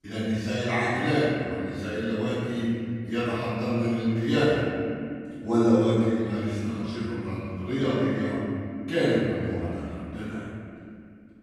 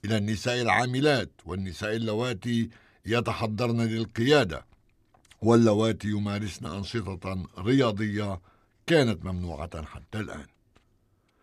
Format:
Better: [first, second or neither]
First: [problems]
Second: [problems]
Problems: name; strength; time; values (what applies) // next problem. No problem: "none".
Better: second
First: off-mic speech; far // room echo; strong; dies away in 2.5 s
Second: none